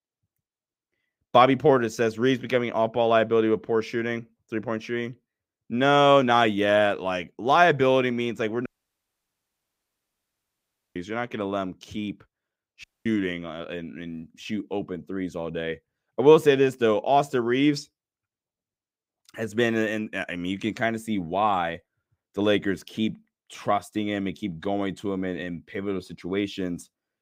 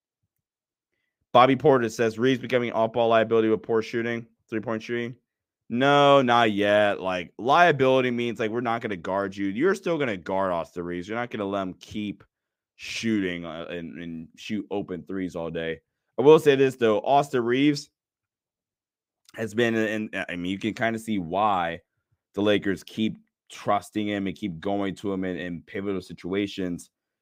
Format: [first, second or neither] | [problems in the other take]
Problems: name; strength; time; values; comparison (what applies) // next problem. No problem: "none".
second | audio cutting out; at 8.5 s for 2.5 s and at 13 s